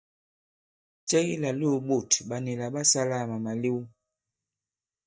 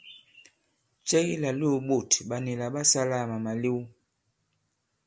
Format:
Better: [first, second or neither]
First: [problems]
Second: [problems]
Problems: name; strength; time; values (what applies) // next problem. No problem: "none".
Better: second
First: noise reduction (neural mask model DeepFilterNet 3)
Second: none